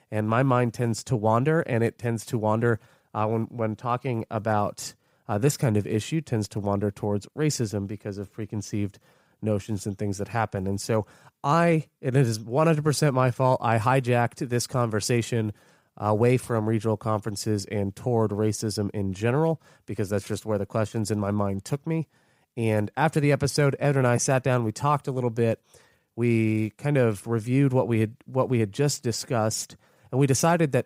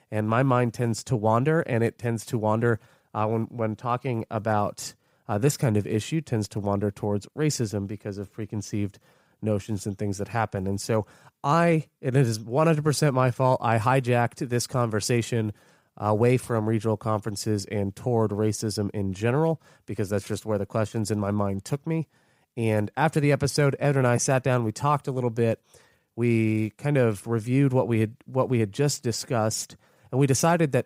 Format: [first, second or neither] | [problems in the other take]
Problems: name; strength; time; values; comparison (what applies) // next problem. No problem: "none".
neither | none